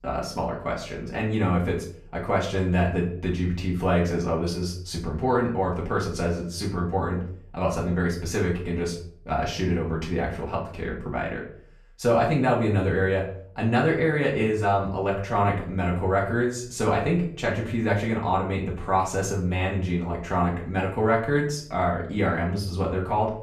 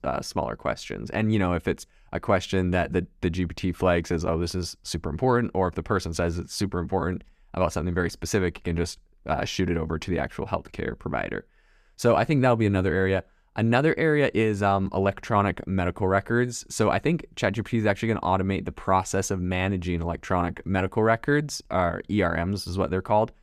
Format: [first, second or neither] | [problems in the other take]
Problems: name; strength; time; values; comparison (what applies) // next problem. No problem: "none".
second | off-mic speech; far // room echo; slight; dies away in 0.4 s